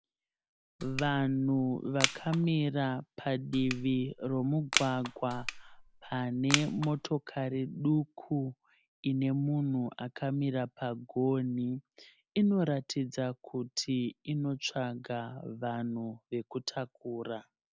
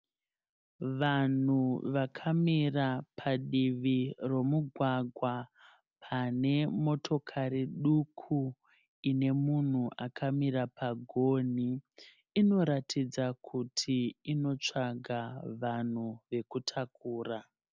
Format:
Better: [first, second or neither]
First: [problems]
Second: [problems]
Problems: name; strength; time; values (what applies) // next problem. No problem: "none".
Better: second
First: background sound (Crushing); 5 dB below the speech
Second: none